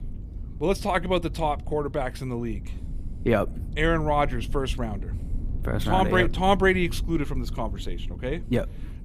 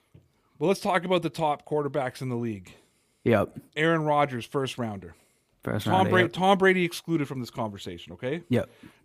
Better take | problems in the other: second | low rumble; faint; throughout; 25 dB below the speech

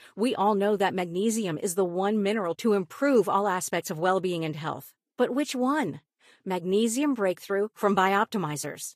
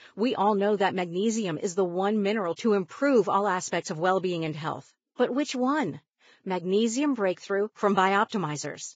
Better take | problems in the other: first | garbled, watery; badly; nothing above 7.5 kHz; slightly in the first

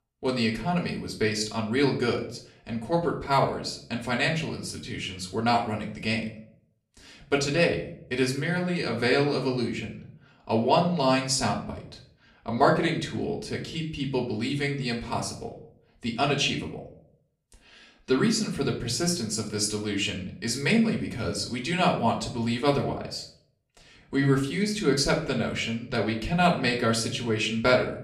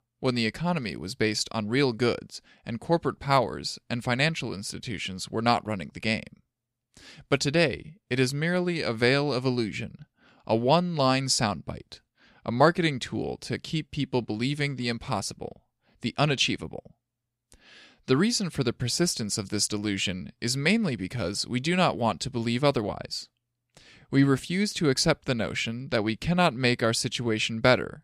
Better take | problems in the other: second | room echo; slight; dies away in 0.4 s // off-mic speech; far

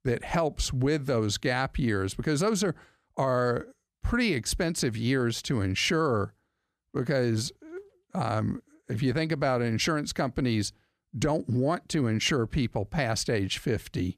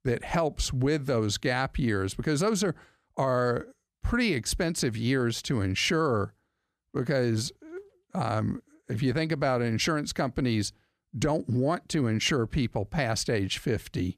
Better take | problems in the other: neither | none

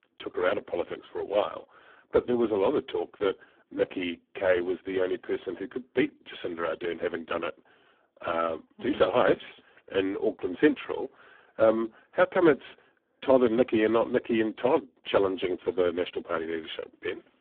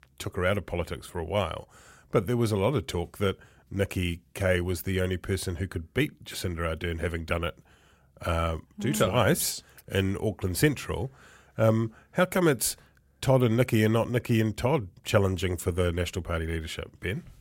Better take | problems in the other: second | phone-call audio; poor line

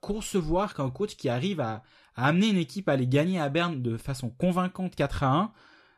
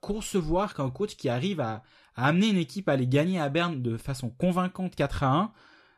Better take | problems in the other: neither | none

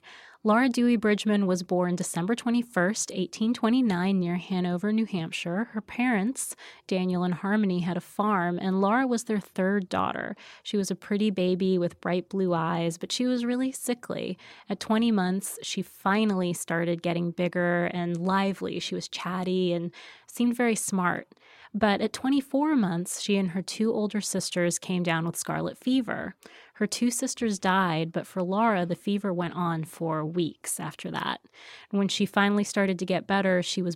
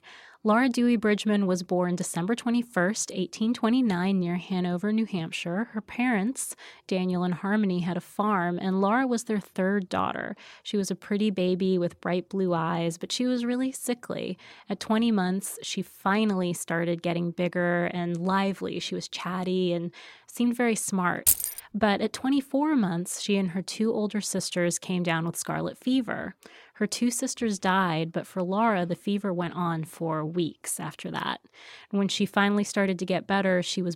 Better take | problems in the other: first | jangling keys; loud; at 21 s; peak 5 dB above the speech

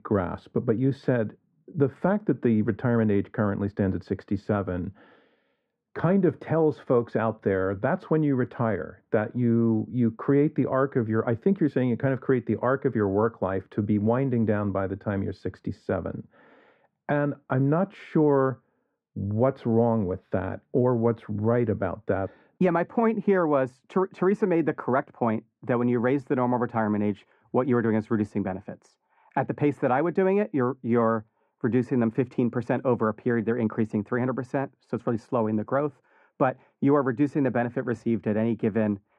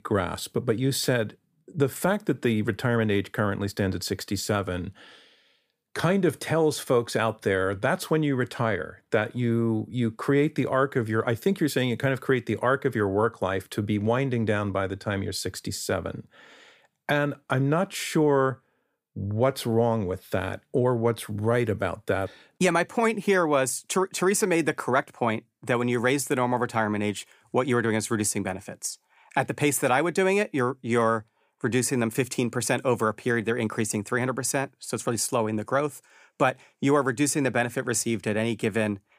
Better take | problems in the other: second | muffled; very; fading above 1.5 kHz

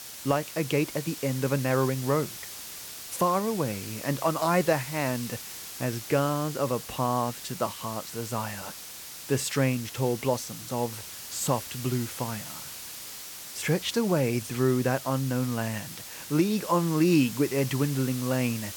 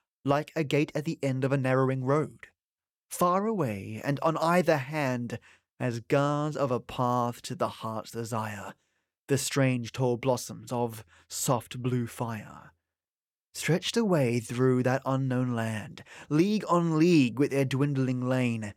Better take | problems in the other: second | hiss; loud; throughout; 10 dB below the speech

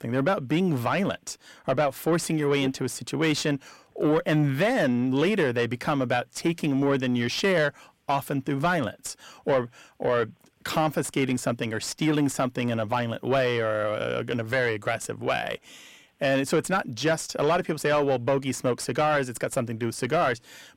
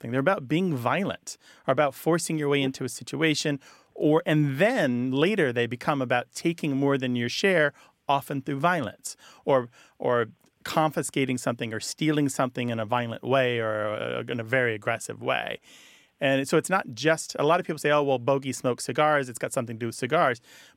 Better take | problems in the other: second | distortion; slight; 10 dB below the speech

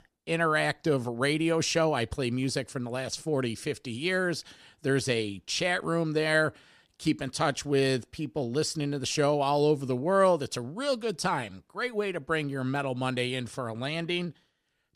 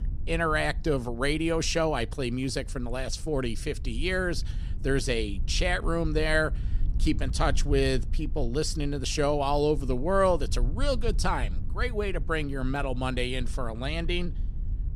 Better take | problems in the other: first | low rumble; faint; throughout; 25 dB below the speech

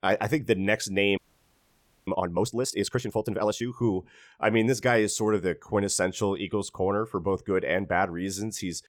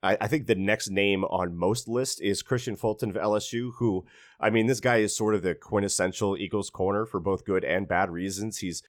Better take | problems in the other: second | audio freezing; at 1 s for 1 s

